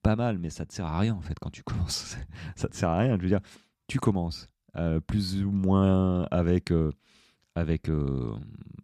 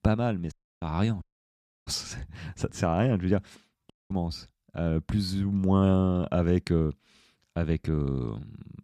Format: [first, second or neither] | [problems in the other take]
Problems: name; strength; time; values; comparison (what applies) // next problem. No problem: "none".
first | audio cutting out; at 0.5 s, at 1 s for 0.5 s and at 4 s